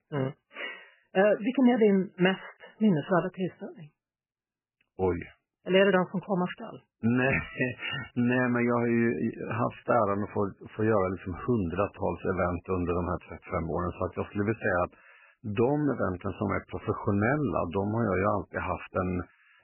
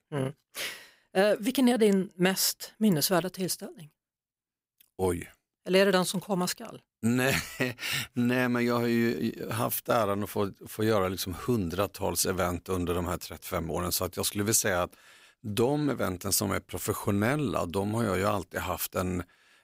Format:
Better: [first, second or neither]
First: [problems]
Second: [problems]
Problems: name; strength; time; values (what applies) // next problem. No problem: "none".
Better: second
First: garbled, watery; badly; nothing above 3 kHz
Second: none